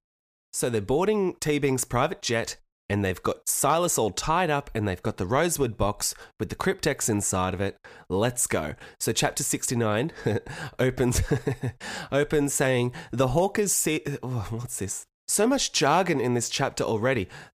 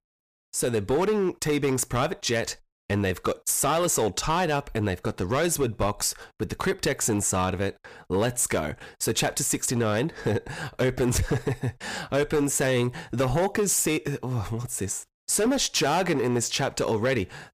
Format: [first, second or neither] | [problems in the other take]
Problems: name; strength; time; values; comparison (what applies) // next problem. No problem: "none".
first | distortion; slight; 7% of the sound clipped